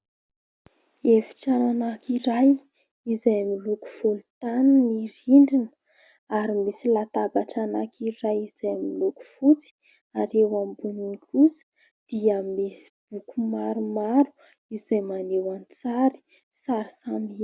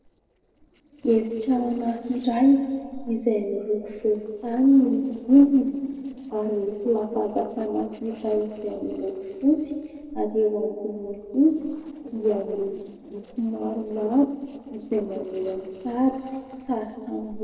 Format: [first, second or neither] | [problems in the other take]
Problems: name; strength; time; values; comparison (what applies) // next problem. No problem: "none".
first | noise reduction (neural separator model SepFormer DNS4)